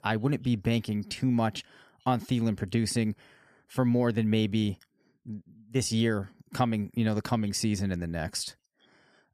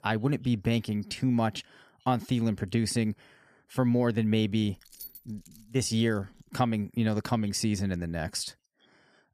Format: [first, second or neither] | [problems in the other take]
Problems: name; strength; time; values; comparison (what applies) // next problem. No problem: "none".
first | jangling keys; faint; from 5 to 6.5 s; peak 15 dB below the speech